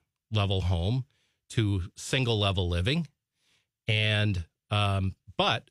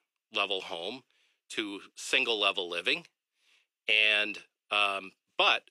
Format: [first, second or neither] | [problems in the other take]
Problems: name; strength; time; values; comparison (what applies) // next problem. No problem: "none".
first | thin; very; fading below 300 Hz